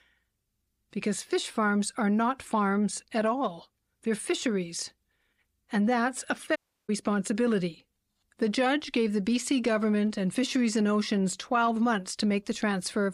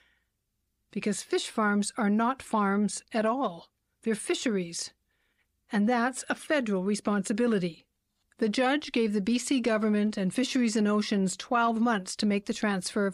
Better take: second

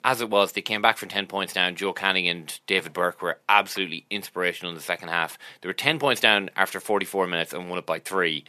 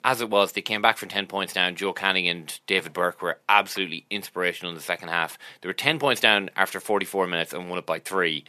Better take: neither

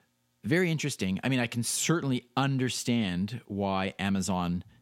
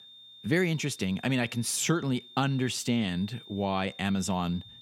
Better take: first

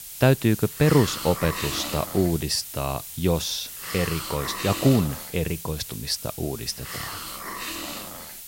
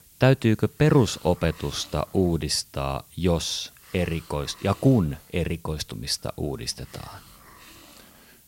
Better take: second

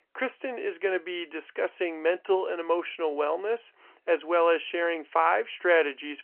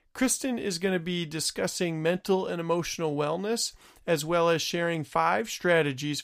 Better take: second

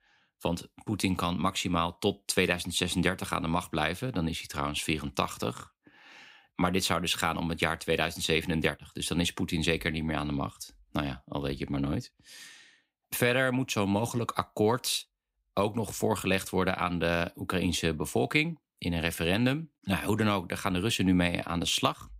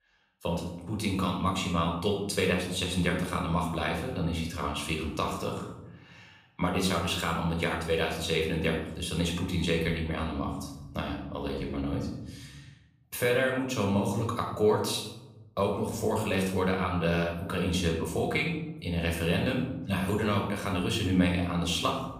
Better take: first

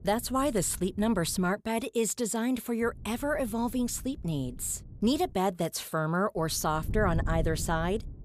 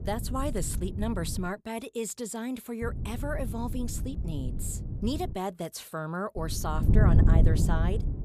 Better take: first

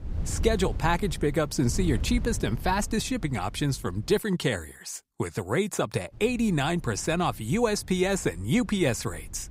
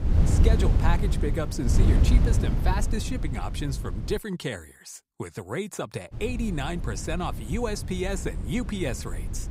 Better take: first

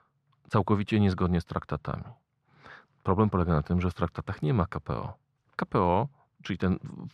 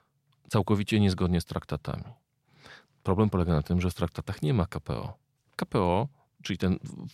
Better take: second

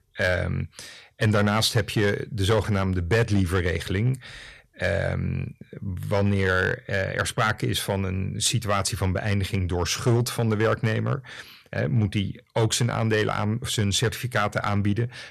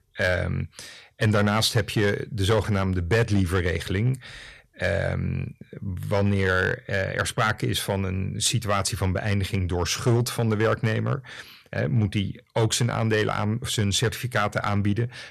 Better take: neither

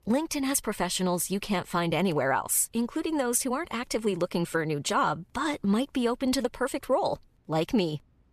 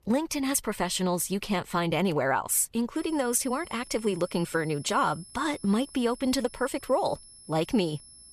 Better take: first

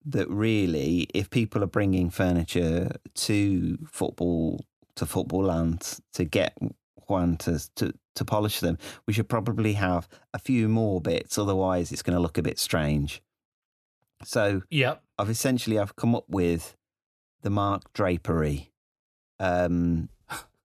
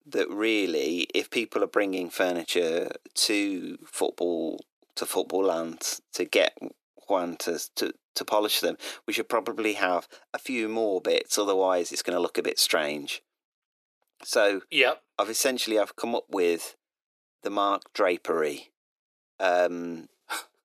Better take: first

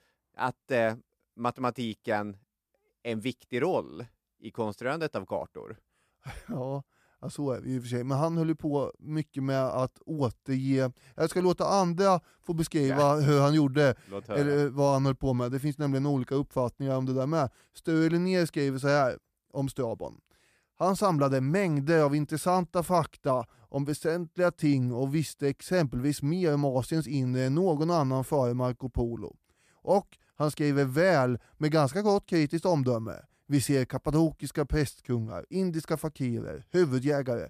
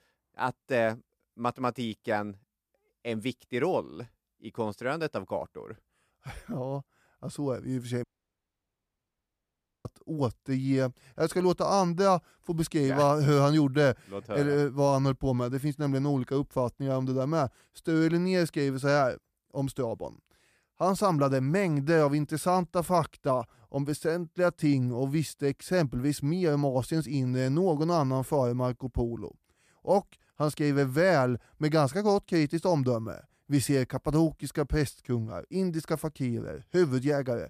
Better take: first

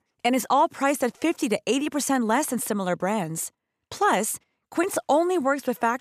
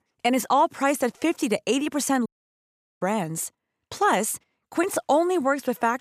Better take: first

